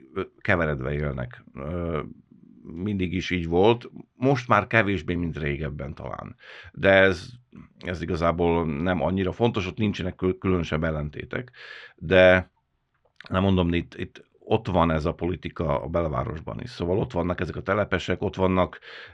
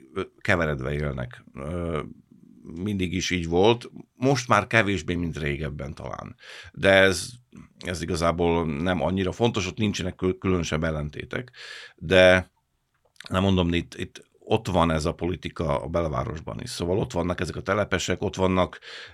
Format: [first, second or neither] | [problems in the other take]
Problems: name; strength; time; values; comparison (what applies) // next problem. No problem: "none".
second | muffled; slightly; fading above 3 kHz